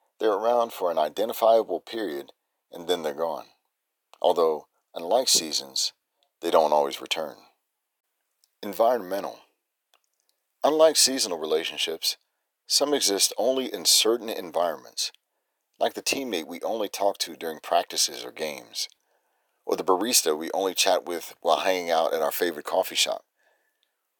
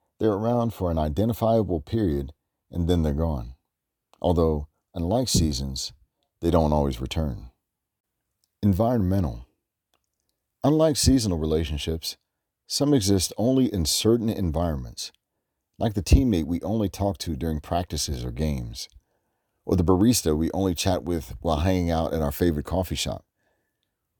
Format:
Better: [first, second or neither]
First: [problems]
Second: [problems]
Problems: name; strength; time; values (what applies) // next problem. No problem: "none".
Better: second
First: thin; very; fading below 500 Hz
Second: none